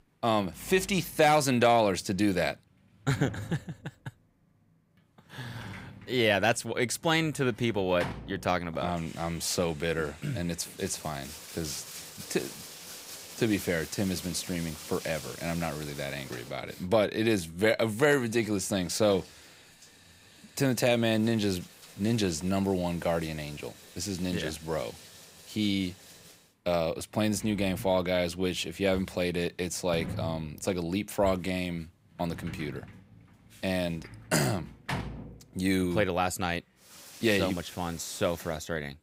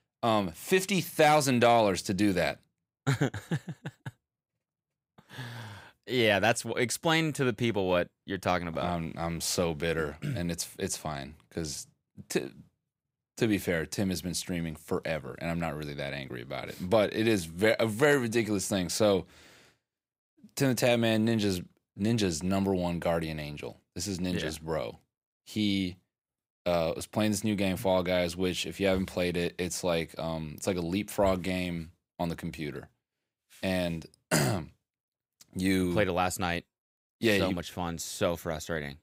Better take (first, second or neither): second